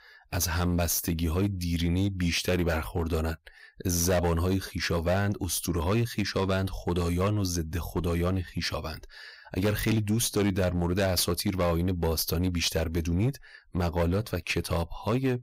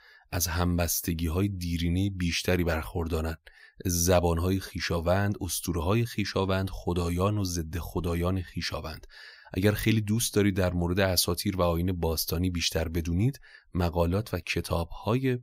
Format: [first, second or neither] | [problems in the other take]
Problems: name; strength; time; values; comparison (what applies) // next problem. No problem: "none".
second | distortion; slight; 10% of the sound clipped